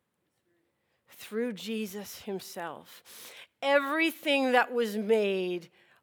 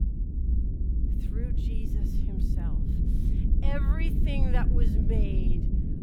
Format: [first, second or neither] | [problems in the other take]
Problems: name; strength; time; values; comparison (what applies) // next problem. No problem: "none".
first | low rumble; loud; throughout; 2 dB below the speech